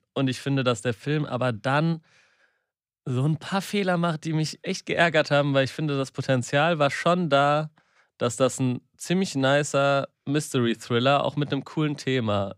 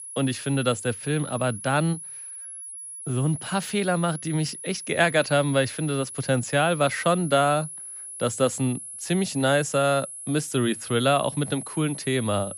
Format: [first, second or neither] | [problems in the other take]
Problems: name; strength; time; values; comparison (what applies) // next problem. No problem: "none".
first | high-pitched whine; noticeable; throughout; 10.5 kHz, 10 dB below the speech